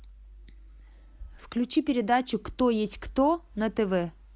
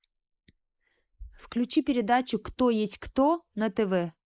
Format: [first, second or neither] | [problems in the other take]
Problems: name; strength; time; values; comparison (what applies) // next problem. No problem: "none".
first | noise reduction (neural mask model Resemble Enhance denoiser)